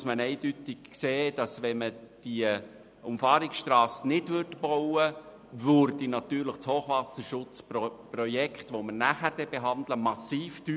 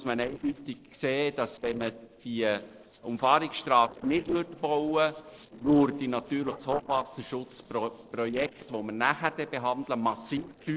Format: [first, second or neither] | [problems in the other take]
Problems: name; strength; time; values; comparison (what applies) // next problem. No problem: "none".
first | noise reduction (neural separator model SepFormer DNS4)